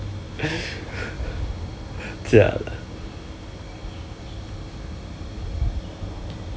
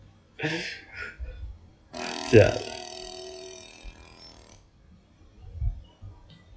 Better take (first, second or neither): first